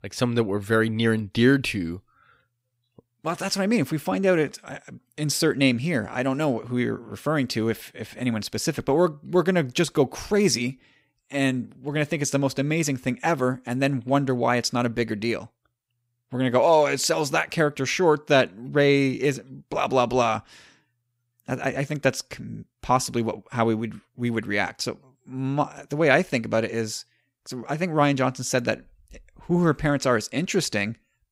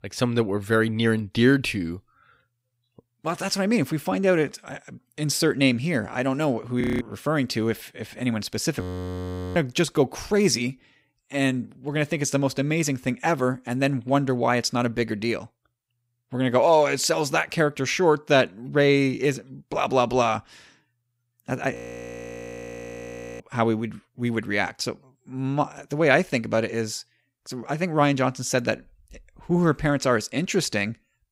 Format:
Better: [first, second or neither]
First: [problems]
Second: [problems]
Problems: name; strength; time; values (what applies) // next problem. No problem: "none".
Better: first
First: none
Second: audio freezing; at 7 s, at 9 s for 1 s and at 22 s for 1.5 s